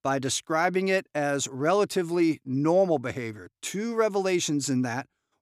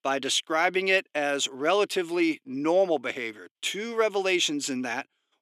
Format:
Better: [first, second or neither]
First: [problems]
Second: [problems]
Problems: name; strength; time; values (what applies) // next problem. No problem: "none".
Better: first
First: none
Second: thin; very slightly; fading below 350 Hz